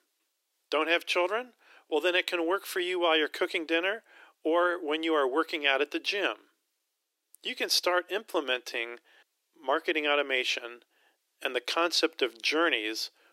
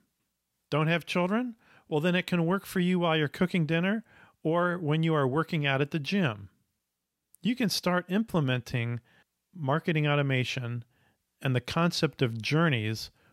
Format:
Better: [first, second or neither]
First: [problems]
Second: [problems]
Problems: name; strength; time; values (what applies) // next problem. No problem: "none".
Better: second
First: thin; very; fading below 300 Hz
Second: none